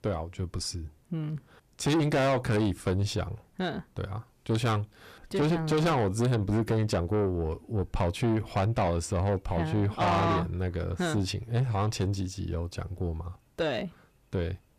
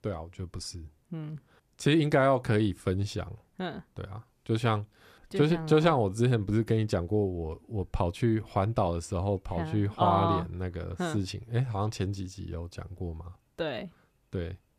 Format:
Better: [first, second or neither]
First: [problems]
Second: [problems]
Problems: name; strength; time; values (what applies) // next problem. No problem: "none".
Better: second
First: distortion; heavy; 7 dB below the speech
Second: none